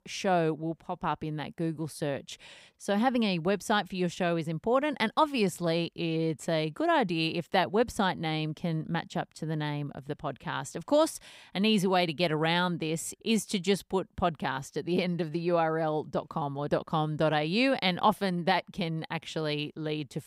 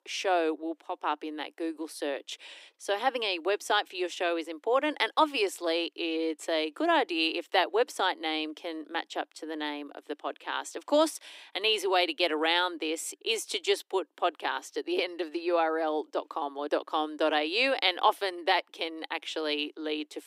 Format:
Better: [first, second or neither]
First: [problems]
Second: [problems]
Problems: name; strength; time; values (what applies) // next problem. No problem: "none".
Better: first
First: none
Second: thin; somewhat; fading below 300 Hz